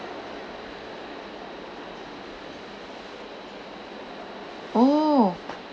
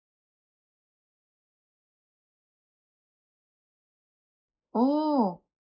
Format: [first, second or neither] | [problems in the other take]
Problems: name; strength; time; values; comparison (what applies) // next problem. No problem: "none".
first | noise reduction (neural mask model Resemble Enhance denoiser)